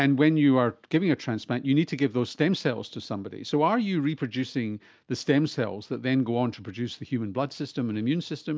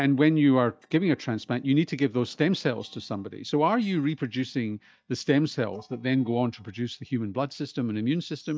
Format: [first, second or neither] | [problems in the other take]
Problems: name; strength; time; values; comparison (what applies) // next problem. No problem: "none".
first | noise reduction (neural mask model DeepFilterNet 3)